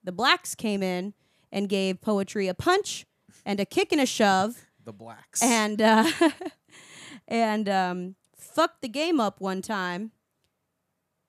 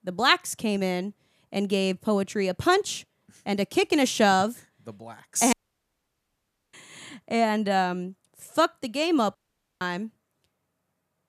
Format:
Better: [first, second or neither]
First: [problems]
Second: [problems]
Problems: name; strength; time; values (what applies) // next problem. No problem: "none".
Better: first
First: none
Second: audio cutting out; at 5.5 s for 1 s and at 9.5 s